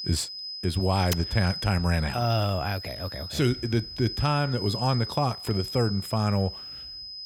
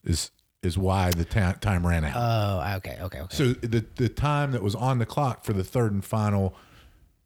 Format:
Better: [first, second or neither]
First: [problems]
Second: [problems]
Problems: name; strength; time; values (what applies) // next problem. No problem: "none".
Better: second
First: high-pitched whine; loud; throughout; 5 kHz, 8 dB below the speech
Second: none